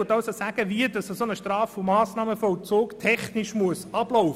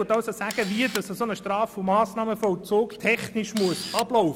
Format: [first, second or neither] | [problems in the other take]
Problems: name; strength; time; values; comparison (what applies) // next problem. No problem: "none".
first | background sound (Camera); 15 dB below the speech